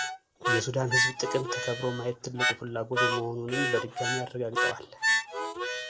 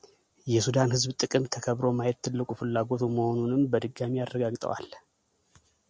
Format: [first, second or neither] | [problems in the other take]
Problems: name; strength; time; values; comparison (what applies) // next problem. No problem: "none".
second | background sound (Harmonica); 3 dB above the speech // room echo; dies away in 0.6 s